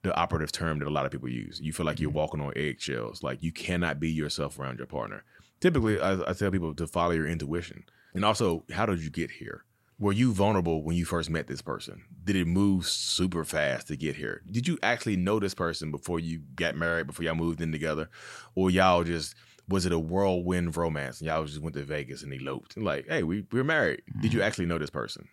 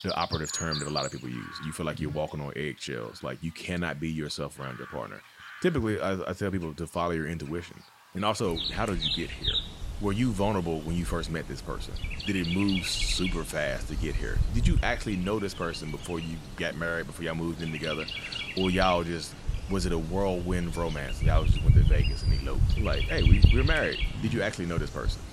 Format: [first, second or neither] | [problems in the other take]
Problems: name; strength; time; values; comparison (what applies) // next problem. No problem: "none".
first | animal sounds; very loud; throughout; 1 dB above the speech